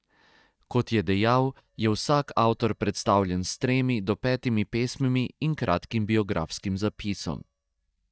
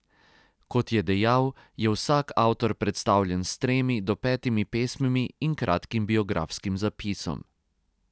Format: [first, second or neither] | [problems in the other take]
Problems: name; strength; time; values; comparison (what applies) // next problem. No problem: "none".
second | noise reduction (neural mask model DeepFilterNet 3)